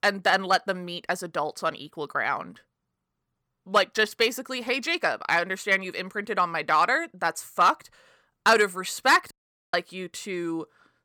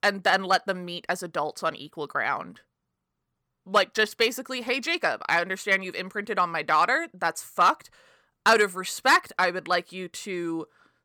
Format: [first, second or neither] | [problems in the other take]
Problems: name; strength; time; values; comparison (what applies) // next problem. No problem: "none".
second | audio cutting out; at 9.5 s